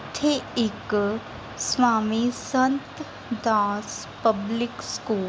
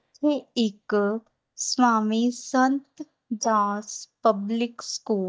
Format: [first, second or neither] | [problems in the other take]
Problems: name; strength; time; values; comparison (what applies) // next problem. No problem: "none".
first | noise reduction (neural mask model DeepFilterNet 3)